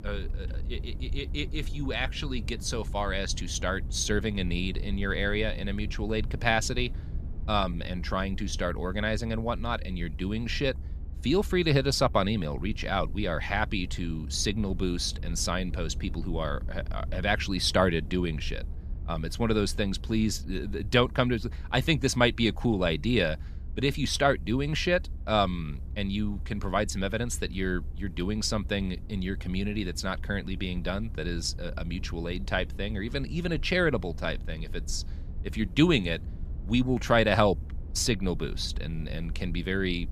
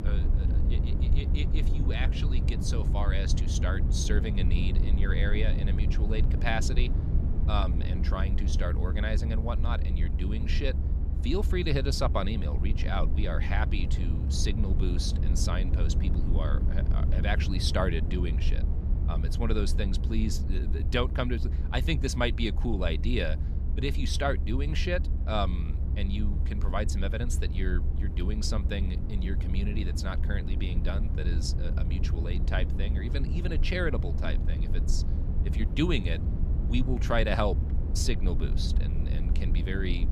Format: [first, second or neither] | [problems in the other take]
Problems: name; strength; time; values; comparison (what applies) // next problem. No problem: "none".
first | low rumble; loud; throughout; 9 dB below the speech; faint in the first